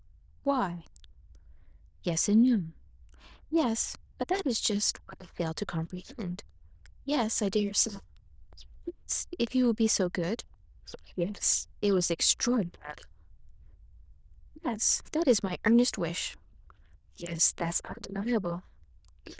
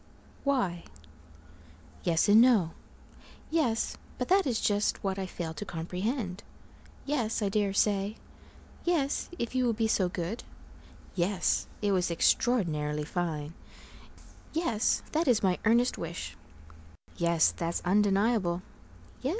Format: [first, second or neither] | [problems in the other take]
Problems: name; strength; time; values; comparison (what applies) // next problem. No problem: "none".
second | noise reduction (neural diffusion model UNIVERSE++)